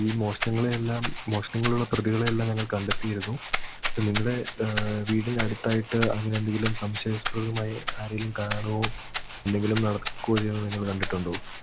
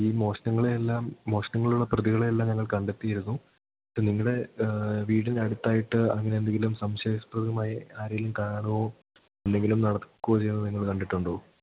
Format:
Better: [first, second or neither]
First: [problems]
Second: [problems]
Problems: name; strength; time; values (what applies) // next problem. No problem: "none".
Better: second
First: background sound (Rattle (instrument)); 6 dB below the speech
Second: none